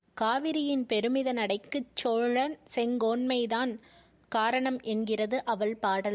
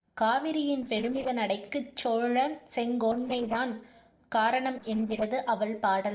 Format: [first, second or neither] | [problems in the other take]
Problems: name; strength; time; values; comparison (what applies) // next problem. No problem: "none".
first | noise reduction (neural separator model SepFormer DNS4)